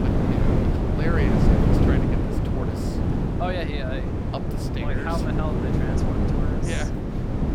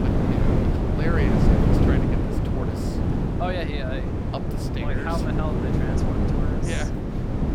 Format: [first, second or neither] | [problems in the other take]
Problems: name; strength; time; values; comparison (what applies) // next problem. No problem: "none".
neither | wind noise on the microphone; heavy; 4 dB above the speech; the same in both